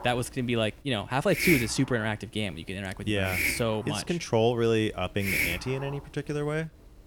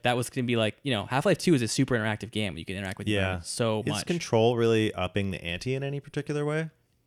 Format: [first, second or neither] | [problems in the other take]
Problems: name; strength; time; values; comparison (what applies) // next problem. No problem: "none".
second | hiss; loud; throughout; 1 dB below the speech